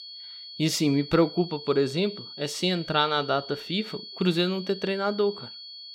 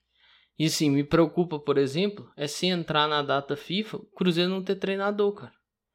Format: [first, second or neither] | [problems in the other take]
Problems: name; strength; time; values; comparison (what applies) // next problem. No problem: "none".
second | high-pitched whine; noticeable; throughout; 4.5 kHz, 15 dB below the speech